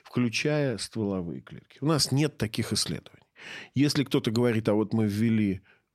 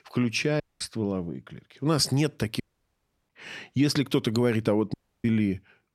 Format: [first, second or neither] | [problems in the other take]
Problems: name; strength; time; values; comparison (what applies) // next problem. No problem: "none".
first | audio cutting out; at 0.5 s, at 2.5 s for 0.5 s and at 5 s